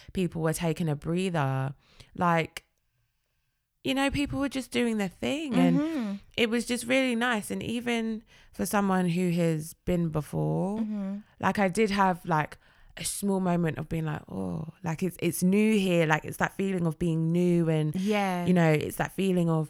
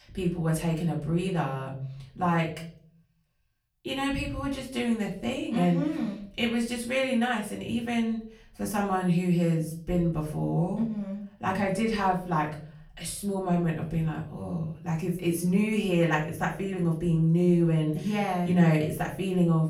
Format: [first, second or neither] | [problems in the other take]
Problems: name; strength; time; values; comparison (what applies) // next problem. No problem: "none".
first | off-mic speech; far // room echo; slight; dies away in 0.5 s